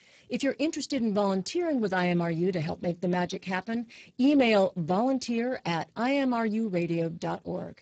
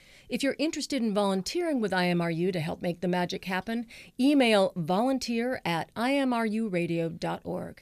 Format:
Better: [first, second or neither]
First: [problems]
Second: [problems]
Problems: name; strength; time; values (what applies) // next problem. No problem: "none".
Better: second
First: garbled, watery; badly; nothing above 7.5 kHz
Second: none